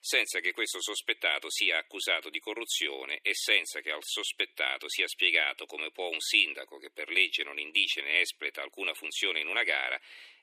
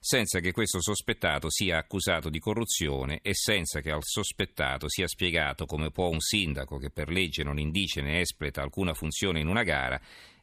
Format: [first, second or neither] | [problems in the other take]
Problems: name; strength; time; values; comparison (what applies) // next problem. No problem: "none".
second | thin; very; fading below 300 Hz